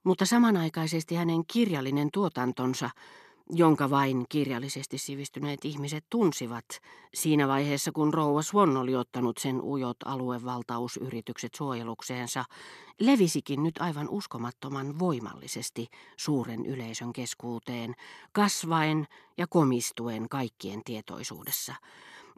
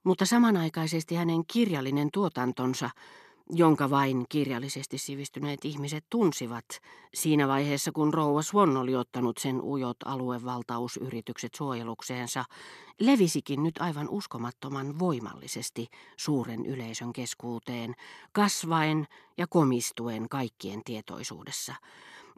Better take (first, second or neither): second